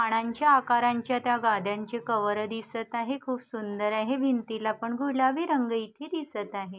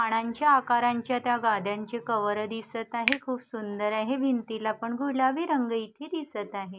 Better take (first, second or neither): first